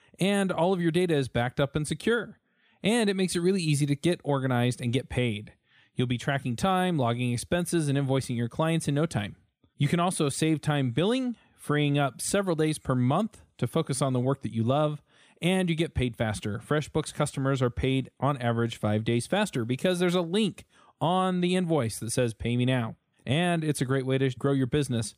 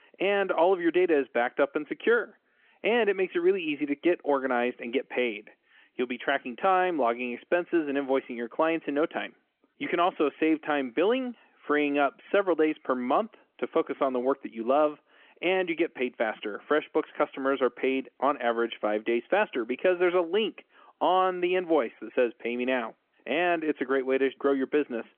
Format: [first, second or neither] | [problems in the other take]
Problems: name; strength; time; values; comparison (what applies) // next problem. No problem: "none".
first | phone-call audio